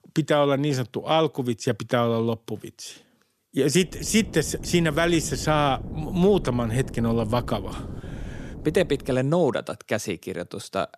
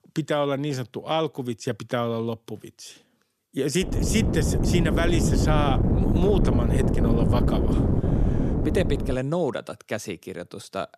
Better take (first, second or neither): first